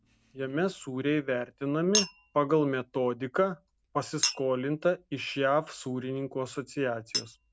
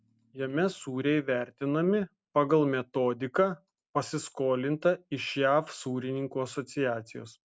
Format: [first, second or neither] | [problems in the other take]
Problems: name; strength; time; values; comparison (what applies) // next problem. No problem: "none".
second | background sound (Chink, clink); 9 dB below the speech